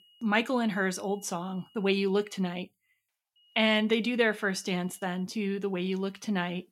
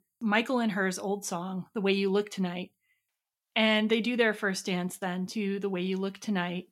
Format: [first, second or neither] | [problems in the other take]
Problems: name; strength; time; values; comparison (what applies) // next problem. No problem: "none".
second | high-pitched whine; faint; until 2.5 s and from 3.5 to 5 s; 3 kHz, 30 dB below the speech